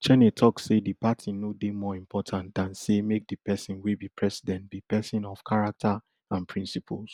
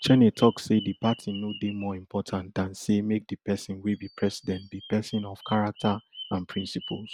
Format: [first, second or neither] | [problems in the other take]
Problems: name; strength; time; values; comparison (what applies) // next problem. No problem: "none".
first | background sound (Bird vocalization, bird call, bird song); 19 dB below the speech